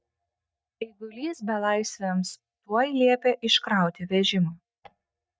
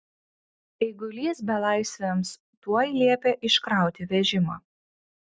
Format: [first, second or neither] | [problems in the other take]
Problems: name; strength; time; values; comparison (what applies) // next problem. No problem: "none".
second | noise reduction (neural mask model DeepFilterNet 3)